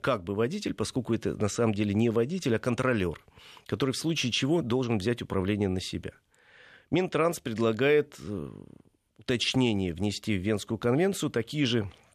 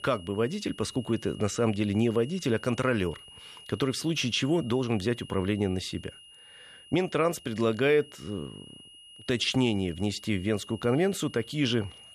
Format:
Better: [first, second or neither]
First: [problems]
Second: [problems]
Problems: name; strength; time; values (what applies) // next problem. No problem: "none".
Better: first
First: none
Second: high-pitched whine; noticeable; throughout; 3 kHz, 20 dB below the speech